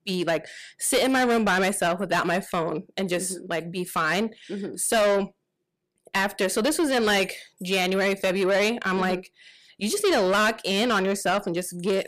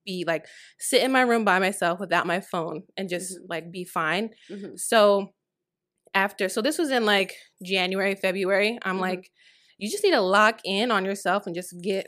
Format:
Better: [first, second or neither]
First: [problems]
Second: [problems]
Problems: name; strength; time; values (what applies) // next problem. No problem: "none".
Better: second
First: distortion; heavy; 7 dB below the speech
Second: none